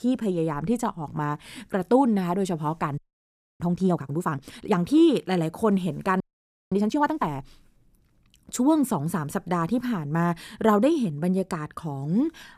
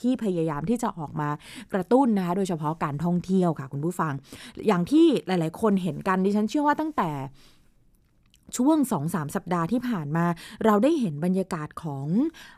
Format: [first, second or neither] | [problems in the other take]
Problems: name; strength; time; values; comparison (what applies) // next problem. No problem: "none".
second | audio freezing; at 3 s for 0.5 s and at 6 s for 0.5 s